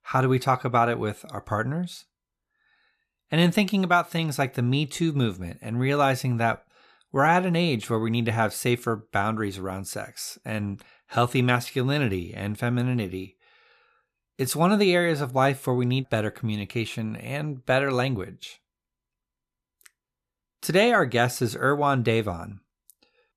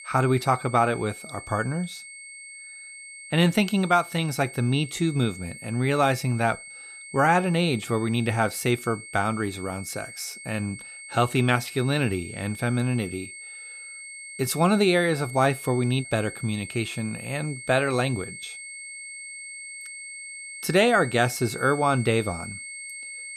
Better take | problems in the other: first | high-pitched whine; noticeable; throughout; 2 kHz, 15 dB below the speech

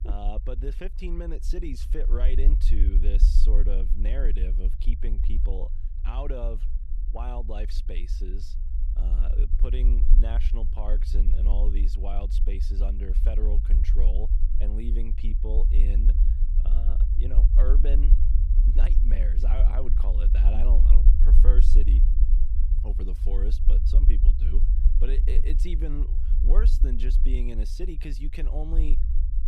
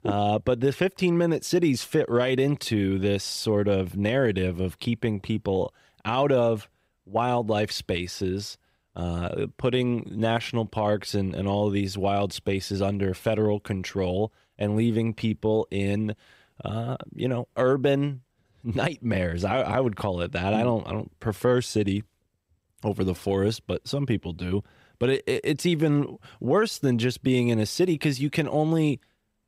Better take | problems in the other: second | low rumble; loud; throughout; 6 dB below the speech

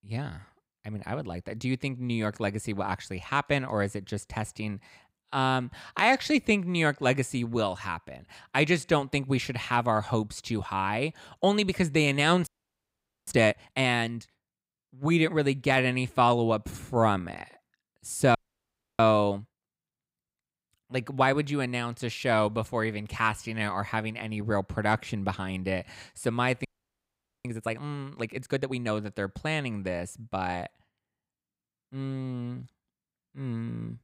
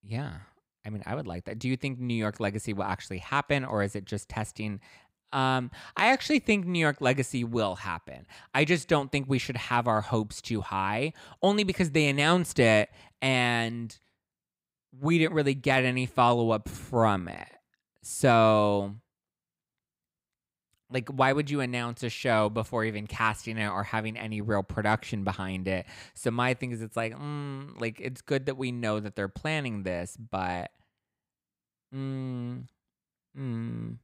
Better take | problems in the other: second | audio freezing; at 12 s for 1 s, at 18 s for 0.5 s and at 27 s for 1 s

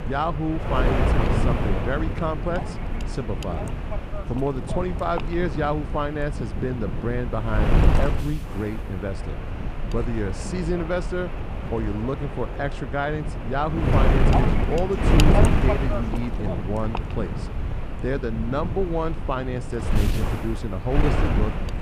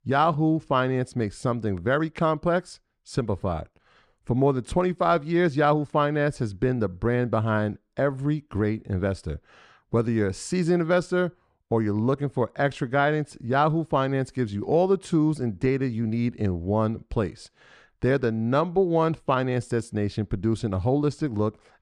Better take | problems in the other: second | wind noise on the microphone; heavy; 2 dB below the speech

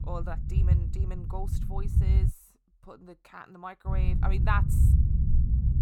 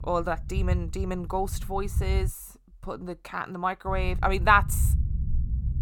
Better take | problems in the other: second | low rumble; loud; until 2.5 s and from 4 s on; 5 dB below the speech; faint in the second

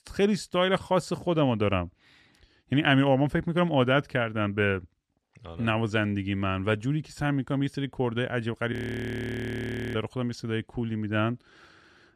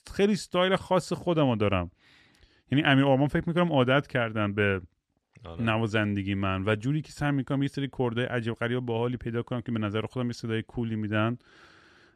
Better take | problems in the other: second | audio freezing; at 8.5 s for 1 s

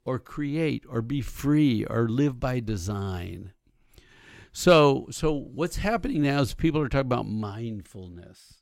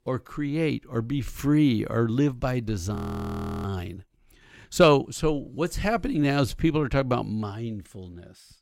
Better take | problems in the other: first | audio freezing; at 3 s for 0.5 s

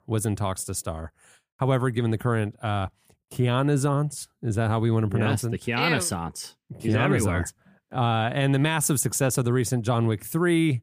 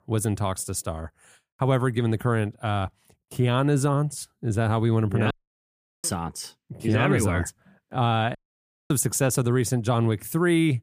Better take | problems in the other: first | audio cutting out; at 5.5 s for 0.5 s and at 8.5 s for 0.5 s

